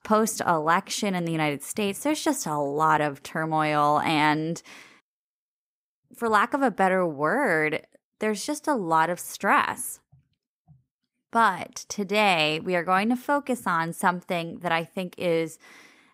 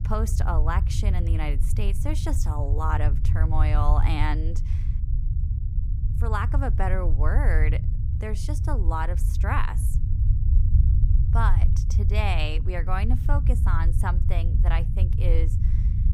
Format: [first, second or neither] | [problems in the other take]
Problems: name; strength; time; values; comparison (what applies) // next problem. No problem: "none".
first | low rumble; loud; throughout; 9 dB below the speech